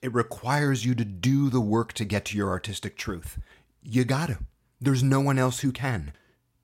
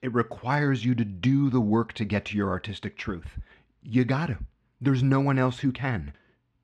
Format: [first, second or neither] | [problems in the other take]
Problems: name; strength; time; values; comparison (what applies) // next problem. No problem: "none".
first | muffled; slightly; fading above 3 kHz